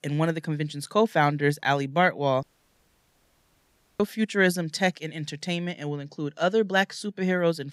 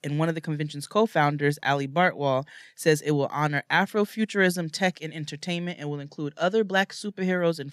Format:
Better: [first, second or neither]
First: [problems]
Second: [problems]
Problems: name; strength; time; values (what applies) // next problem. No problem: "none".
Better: second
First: audio cutting out; at 2.5 s for 1.5 s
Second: none